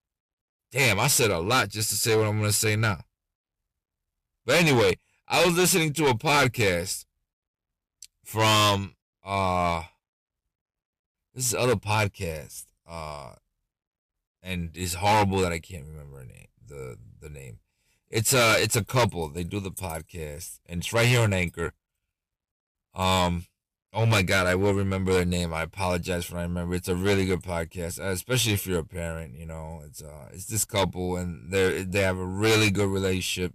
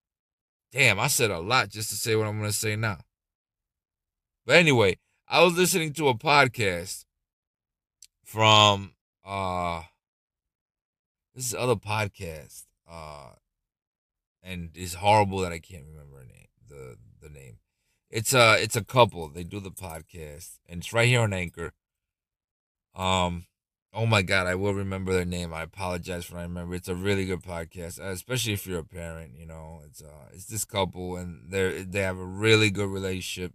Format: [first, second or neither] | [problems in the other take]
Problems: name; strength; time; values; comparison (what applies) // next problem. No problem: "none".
second | distortion; heavy; 6% of the sound clipped